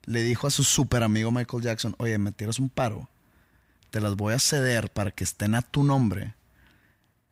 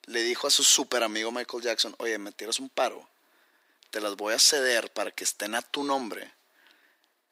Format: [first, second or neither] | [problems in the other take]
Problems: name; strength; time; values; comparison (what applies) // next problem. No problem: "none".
first | thin; very; fading below 350 Hz